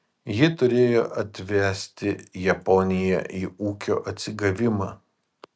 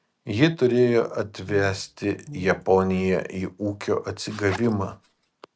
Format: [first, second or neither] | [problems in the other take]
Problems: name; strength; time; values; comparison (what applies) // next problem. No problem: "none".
first | background sound (Zipper (clothing) + Brass instrument); 17 dB below the speech